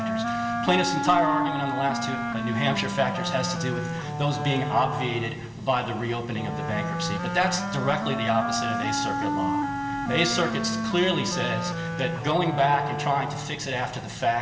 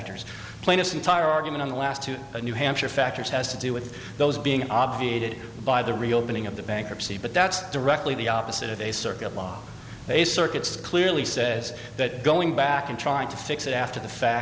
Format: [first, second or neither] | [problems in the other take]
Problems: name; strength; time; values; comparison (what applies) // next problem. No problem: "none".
second | background sound (Wind instrument, woodwind instrument); 3 dB below the speech // room echo; dies away in 2.7 s